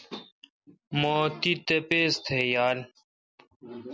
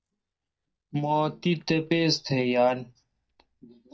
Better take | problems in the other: first | noise reduction (neural mask model DeepFilterNet 3)

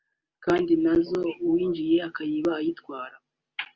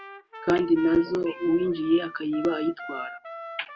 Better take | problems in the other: first | background sound (Trumpet); 15 dB below the speech

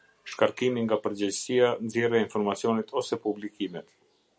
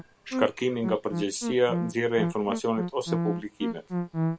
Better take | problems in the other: first | background sound (Musical instrument); 3 dB below the speech

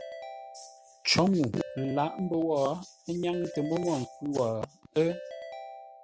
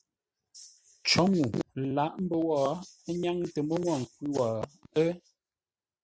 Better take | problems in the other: second | background sound (Ringtone / Keyboard (musical)); 14 dB below the speech

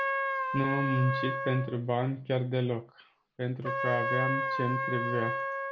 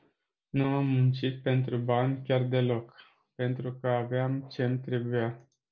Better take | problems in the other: second | background sound (Trumpet); 2 dB below the speech

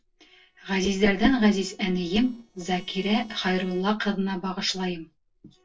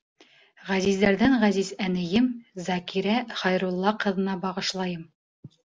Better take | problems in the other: second | noise reduction (neural separator model SepFormer DNS4)

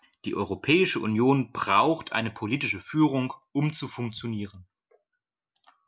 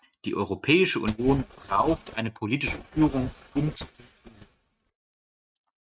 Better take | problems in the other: first | noise reduction (neural mask model RNNoise)

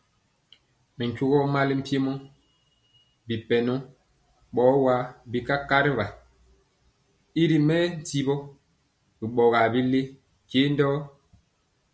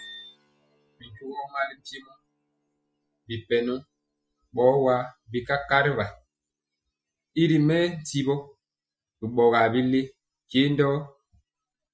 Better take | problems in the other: first | noise reduction (classical method Wiener filter)

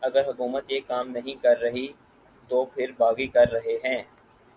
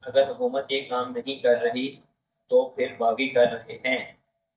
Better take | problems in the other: first | noise reduction (neural mask model DeepFilterNet 3)

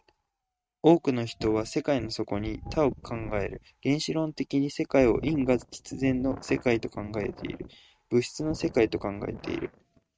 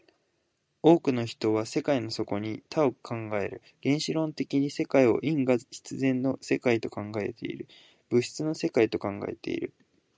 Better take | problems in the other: second | noise reduction (neural mask model RNNoise)

